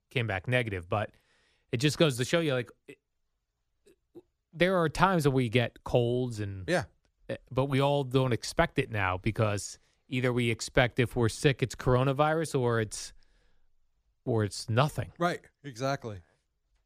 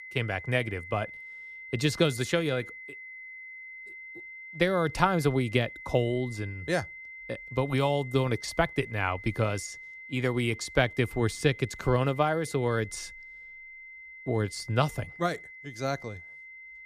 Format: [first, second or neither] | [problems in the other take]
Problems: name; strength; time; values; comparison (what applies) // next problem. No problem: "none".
first | high-pitched whine; noticeable; throughout; 2 kHz, 15 dB below the speech